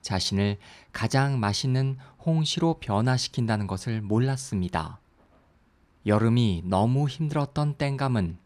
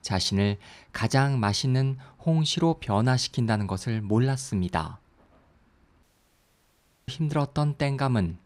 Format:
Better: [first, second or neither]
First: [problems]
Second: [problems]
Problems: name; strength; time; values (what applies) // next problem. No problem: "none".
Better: first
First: none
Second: audio cutting out; at 6 s for 1 s